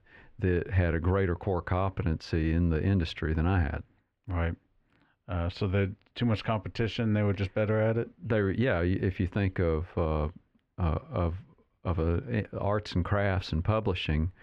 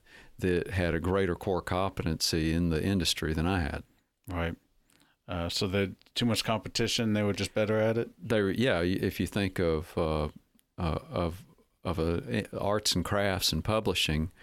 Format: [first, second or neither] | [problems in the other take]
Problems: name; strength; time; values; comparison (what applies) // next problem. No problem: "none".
second | muffled; very; fading above 2 kHz